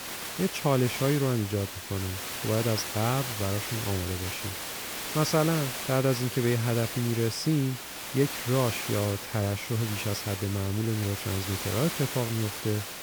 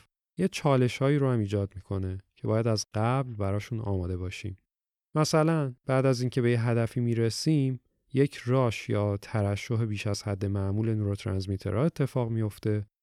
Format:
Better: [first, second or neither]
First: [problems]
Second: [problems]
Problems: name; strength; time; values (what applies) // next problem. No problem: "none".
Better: second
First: hiss; loud; throughout; 5 dB below the speech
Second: none